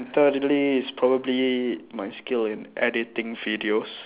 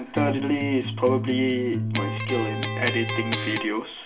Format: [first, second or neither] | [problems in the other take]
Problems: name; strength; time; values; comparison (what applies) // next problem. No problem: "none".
first | background sound (Electric guitar); 3 dB below the speech // room echo; dies away in 0.2 s